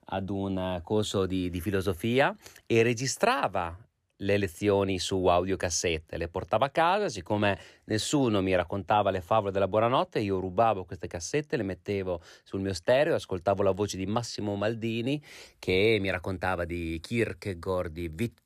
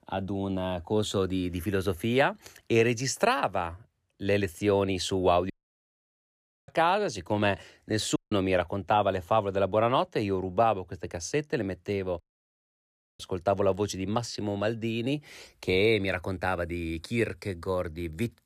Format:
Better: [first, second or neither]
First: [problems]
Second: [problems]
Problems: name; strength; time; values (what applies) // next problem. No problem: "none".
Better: first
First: none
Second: audio cutting out; at 5.5 s for 1 s, at 8 s and at 12 s for 1 s